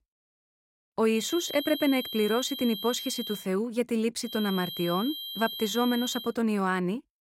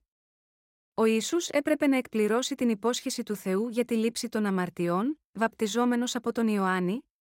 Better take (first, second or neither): second